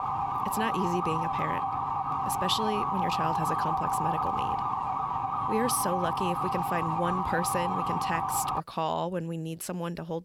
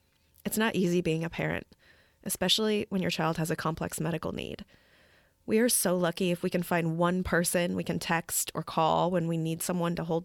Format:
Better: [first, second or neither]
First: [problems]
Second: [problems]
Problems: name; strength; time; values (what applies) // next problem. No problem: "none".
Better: second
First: siren; loud; until 8.5 s; peak 4 dB above the speech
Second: none